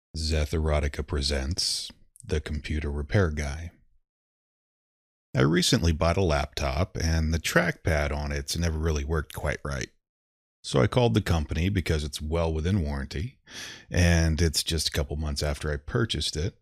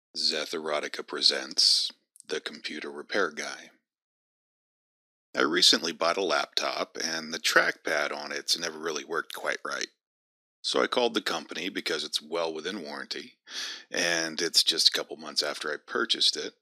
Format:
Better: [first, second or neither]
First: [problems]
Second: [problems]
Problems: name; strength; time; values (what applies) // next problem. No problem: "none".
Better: first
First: none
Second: thin; very; fading below 250 Hz